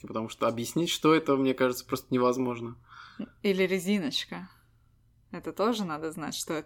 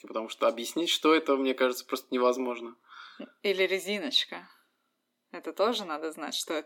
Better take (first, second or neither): first